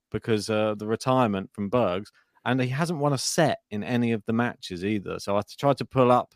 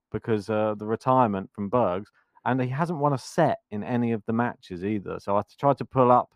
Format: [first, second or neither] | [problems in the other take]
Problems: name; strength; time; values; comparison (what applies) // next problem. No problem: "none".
first | muffled; slightly; fading above 2.5 kHz